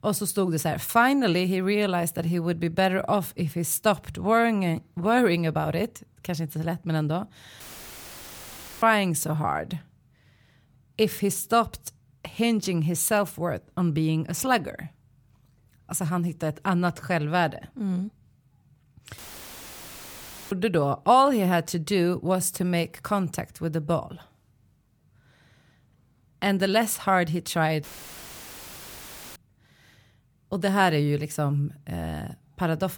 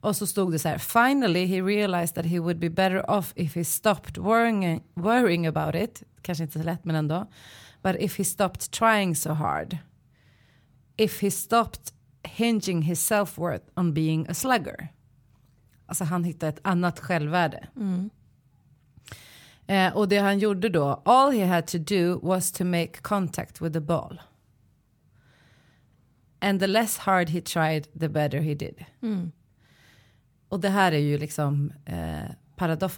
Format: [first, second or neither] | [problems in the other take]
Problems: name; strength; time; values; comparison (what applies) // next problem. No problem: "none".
second | audio cutting out; filled with static; at 7.5 s for 1 s, at 19 s for 1.5 s and at 28 s for 1.5 s